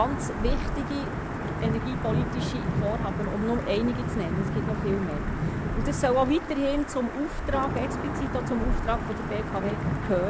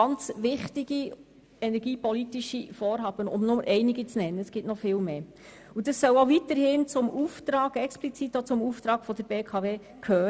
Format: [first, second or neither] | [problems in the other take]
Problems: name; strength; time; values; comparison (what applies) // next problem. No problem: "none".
second | background sound (Thunder / Wind / Rain); as loud as the speech